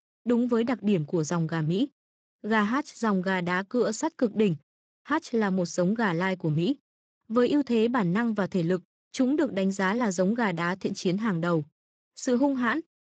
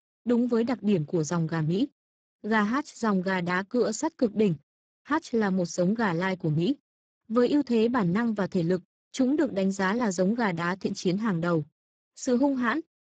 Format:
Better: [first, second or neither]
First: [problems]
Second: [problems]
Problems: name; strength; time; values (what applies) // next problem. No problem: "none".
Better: first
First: garbled, watery; slightly; nothing above 7.5 kHz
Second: garbled, watery; badly; nothing above 7.5 kHz